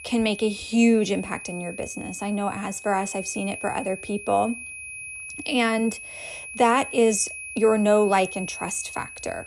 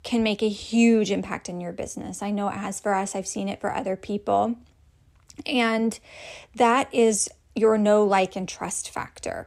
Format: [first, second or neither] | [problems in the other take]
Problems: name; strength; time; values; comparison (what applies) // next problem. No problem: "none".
second | high-pitched whine; noticeable; throughout; 2.5 kHz, 10 dB below the speech